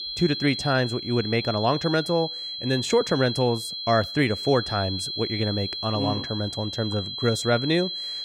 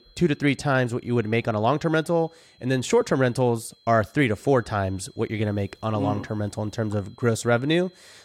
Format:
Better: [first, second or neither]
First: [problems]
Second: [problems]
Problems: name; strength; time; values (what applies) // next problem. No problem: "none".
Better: second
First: high-pitched whine; loud; throughout; 4 kHz, 5 dB below the speech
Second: high-pitched whine; faint; throughout; 4 kHz, 30 dB below the speech